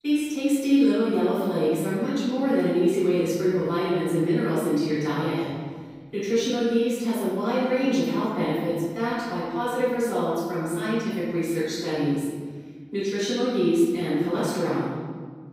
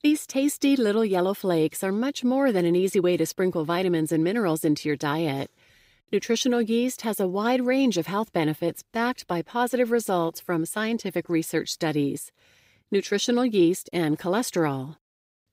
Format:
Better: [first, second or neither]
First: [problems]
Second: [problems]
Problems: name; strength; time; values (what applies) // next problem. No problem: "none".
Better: second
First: off-mic speech; far // room echo; strong; dies away in 1.6 s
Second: none